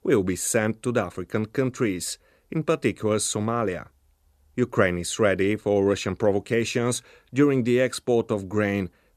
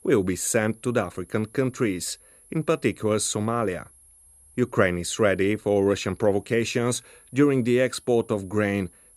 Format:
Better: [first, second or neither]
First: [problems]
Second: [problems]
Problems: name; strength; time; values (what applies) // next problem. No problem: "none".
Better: first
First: none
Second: high-pitched whine; faint; throughout; 11 kHz, 25 dB below the speech